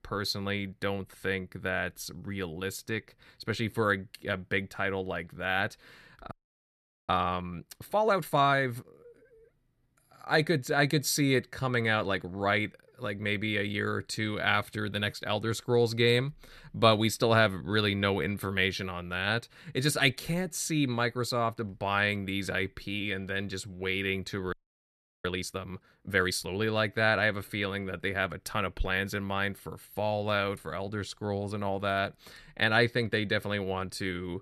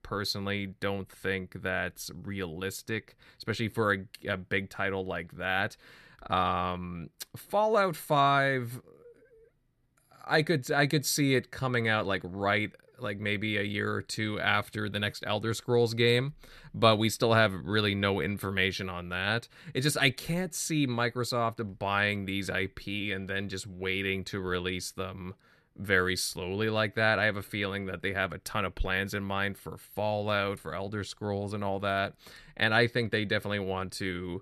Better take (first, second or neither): second